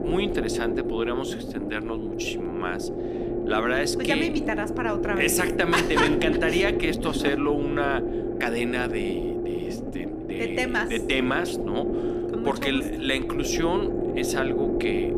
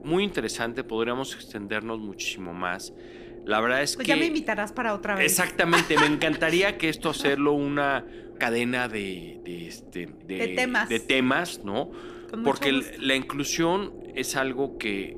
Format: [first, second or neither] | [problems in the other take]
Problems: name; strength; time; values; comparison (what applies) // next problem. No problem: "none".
second | low rumble; loud; throughout; 4 dB below the speech; faint in the second